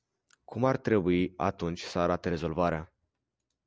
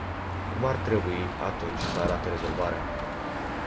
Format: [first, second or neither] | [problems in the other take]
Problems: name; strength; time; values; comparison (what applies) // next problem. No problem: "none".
first | background sound (Car passing by / Traffic noise, roadway noise / Engine); as loud as the speech // room echo; dies away in 0.5 s